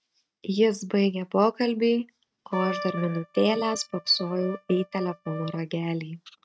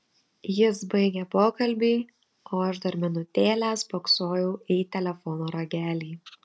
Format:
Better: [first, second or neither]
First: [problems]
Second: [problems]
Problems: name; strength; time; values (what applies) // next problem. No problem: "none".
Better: second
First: noise reduction (neural mask model RNNoise)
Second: none